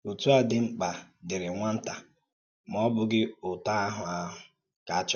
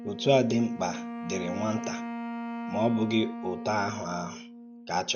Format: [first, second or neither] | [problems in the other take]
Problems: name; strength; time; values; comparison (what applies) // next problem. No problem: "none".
first | background sound (Wind instrument, woodwind instrument); 8 dB below the speech